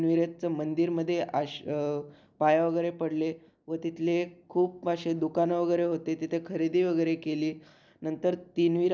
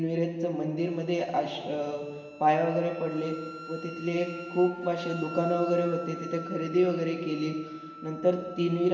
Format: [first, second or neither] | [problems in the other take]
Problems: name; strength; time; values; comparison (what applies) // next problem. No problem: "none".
first | background sound (Wind instrument, woodwind instrument); 16 dB below the speech // room echo; dies away in 1.6 s